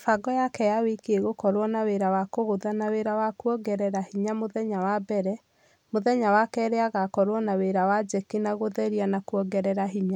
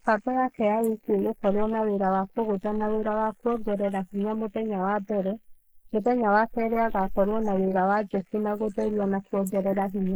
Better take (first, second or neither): first